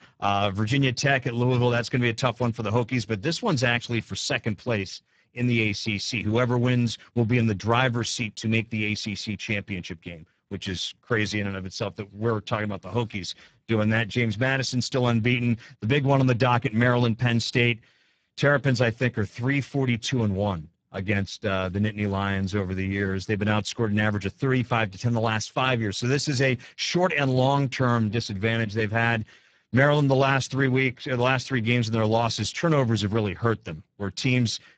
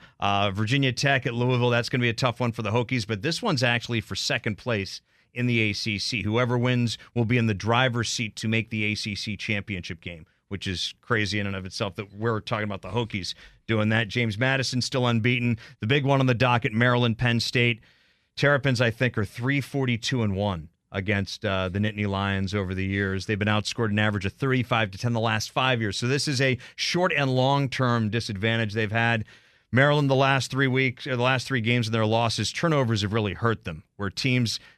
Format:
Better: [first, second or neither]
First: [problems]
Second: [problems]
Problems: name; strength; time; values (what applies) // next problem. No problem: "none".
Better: second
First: garbled, watery; badly; nothing above 7.5 kHz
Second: none